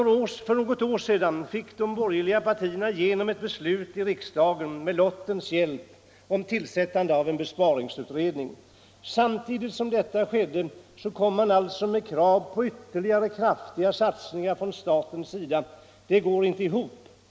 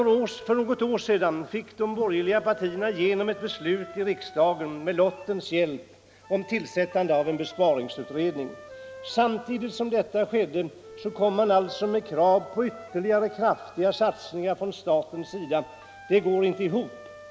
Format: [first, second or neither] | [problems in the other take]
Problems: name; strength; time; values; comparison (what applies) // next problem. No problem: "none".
first | background sound (Wind instrument, woodwind instrument); 20 dB below the speech